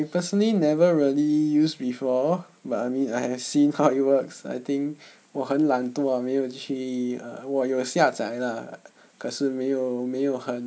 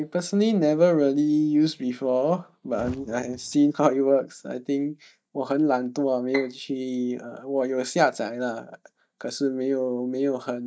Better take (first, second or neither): first